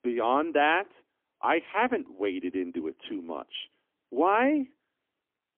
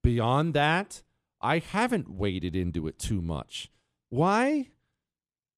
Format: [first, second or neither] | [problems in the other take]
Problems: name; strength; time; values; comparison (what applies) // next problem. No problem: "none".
second | phone-call audio; poor line; nothing above 3.5 kHz